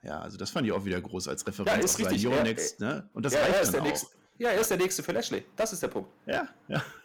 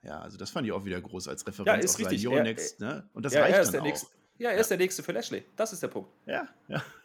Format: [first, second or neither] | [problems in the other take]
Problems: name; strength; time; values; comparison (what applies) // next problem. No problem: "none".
second | distortion; heavy; 9% of the sound clipped